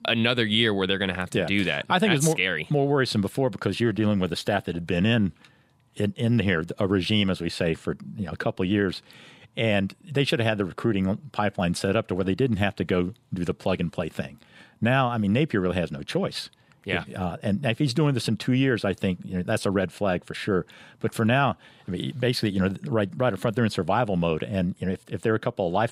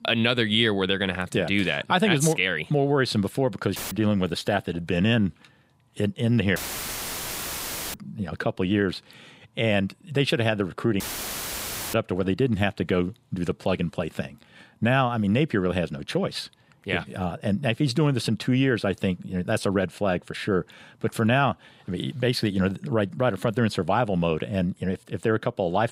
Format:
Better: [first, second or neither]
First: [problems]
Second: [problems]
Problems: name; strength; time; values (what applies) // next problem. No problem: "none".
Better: first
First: none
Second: audio cutting out; filled with static; at 4 s, at 6.5 s for 1.5 s and at 11 s for 1 s